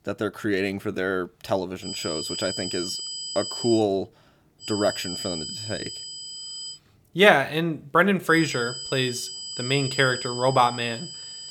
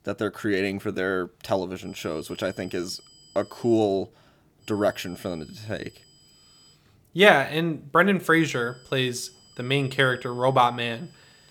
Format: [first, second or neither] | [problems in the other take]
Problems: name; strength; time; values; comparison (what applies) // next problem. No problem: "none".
second | high-pitched whine; loud; from 2 to 4 s, from 4.5 to 6.5 s and from 8.5 s on; 5 kHz, 7 dB below the speech; faint in the second